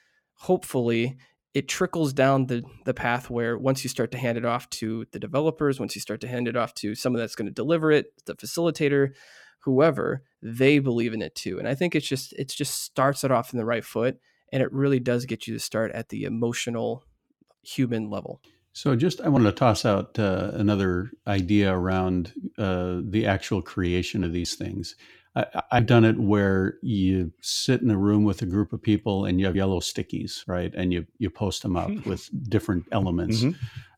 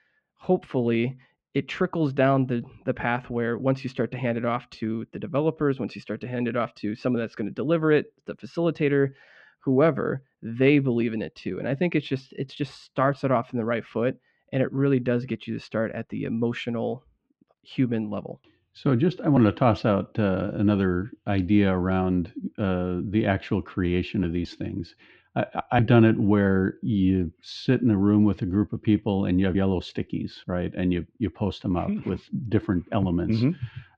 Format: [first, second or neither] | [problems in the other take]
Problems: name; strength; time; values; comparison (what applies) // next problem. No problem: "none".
first | muffled; slightly; fading above 3 kHz